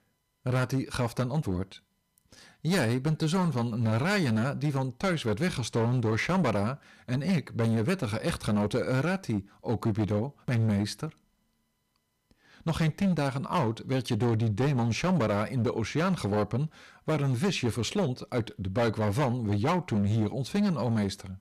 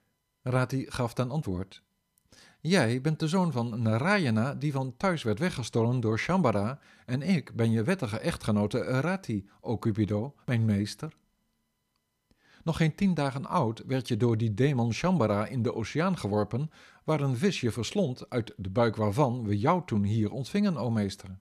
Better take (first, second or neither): second